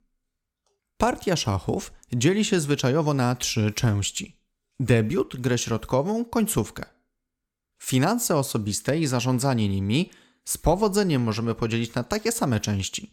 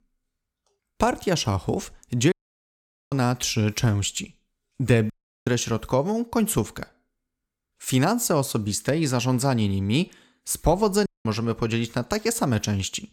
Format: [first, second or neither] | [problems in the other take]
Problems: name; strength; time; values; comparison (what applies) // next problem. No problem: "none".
first | audio cutting out; at 2.5 s for 1 s, at 5 s and at 11 s